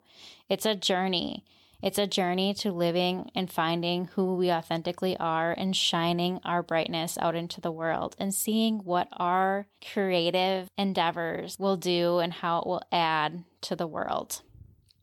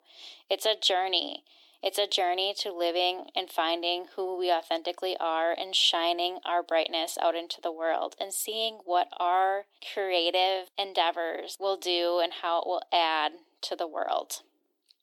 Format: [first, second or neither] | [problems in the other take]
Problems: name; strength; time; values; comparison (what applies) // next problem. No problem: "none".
first | thin; very; fading below 300 Hz